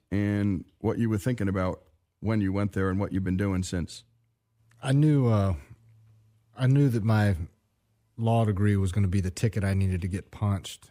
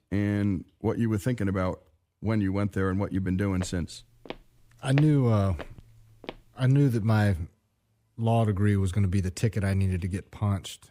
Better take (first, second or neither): first